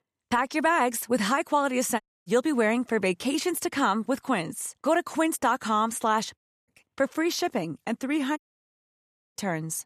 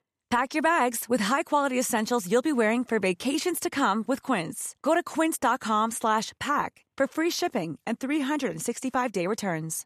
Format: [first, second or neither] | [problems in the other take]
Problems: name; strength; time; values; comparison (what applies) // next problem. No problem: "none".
second | audio cutting out; at 2 s, at 6.5 s and at 8.5 s for 1 s